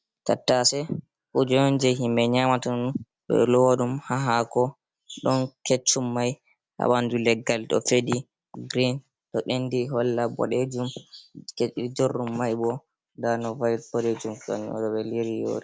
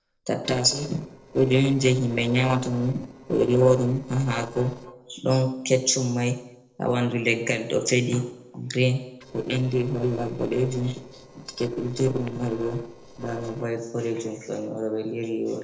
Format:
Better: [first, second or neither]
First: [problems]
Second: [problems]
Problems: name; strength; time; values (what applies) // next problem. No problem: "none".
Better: first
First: none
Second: noise reduction (neural separator model SepFormer DNS4)